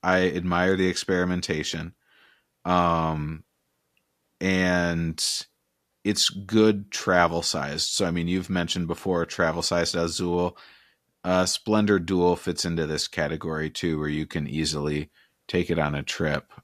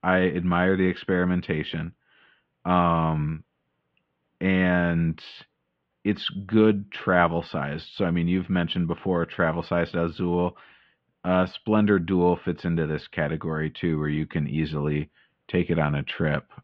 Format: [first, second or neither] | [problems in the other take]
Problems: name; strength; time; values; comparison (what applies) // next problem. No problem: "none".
first | muffled; very; fading above 3 kHz